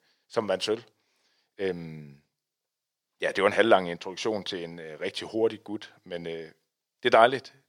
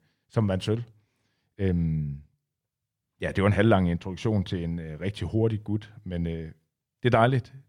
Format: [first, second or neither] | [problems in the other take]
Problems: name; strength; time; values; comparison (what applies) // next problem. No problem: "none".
second | thin; very; fading below 500 Hz